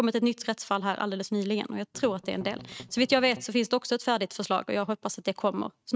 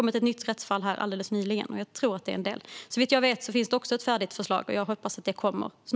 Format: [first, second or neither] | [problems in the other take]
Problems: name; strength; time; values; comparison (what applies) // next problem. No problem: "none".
second | noise reduction (neural mask model RNNoise)